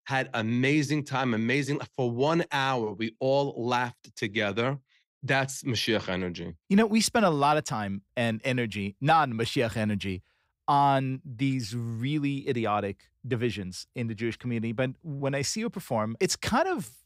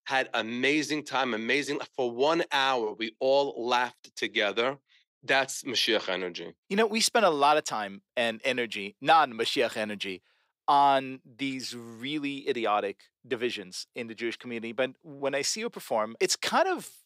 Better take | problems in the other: first | thin; somewhat; fading below 400 Hz

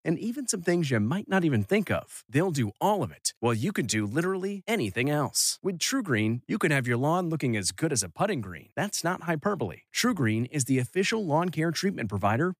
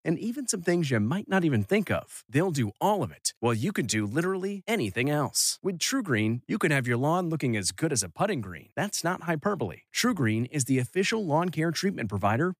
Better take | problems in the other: neither | none

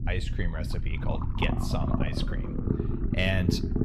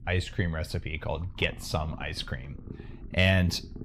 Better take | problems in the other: second | low rumble; loud; throughout; 4 dB below the speech; faint in the second

